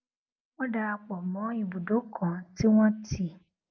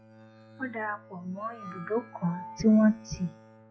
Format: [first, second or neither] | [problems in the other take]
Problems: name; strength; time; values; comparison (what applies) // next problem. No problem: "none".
first | noise reduction (classical method log-MMSE)